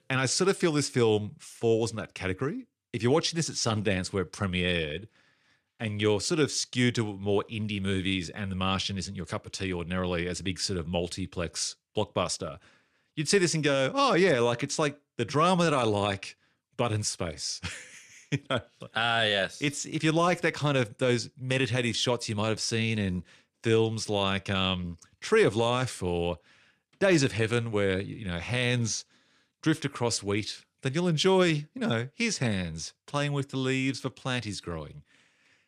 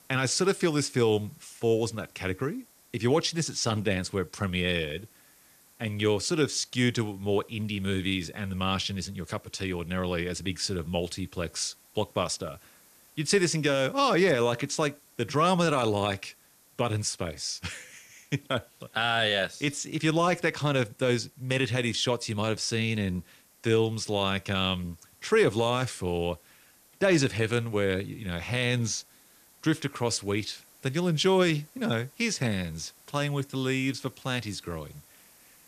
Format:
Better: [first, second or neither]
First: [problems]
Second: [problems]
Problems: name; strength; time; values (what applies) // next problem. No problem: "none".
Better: first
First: none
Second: hiss; faint; throughout; 30 dB below the speech